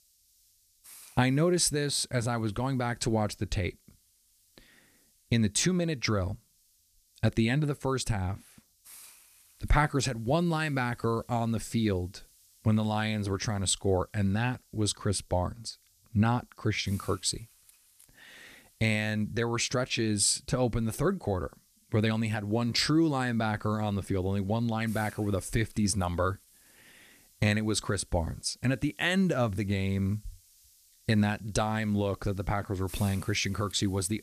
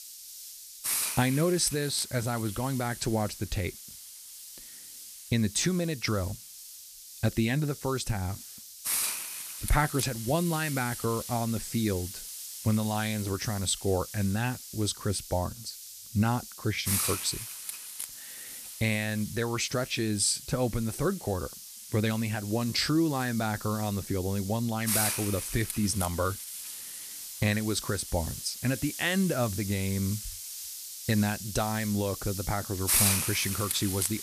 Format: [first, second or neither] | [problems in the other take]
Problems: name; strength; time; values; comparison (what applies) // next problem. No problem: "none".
first | hiss; loud; throughout; 5 dB below the speech; faint in the first